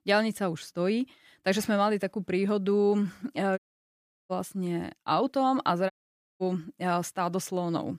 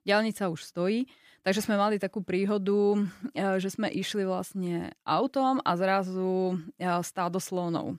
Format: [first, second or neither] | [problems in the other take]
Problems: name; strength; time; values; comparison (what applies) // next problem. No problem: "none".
second | audio cutting out; at 3.5 s for 0.5 s and at 6 s for 0.5 s